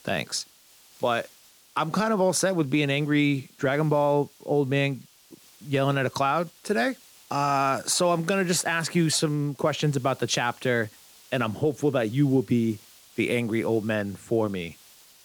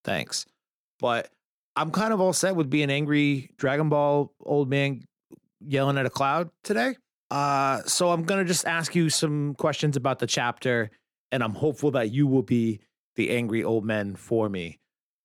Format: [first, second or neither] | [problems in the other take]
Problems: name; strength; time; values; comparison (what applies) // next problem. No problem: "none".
second | hiss; faint; throughout; 25 dB below the speech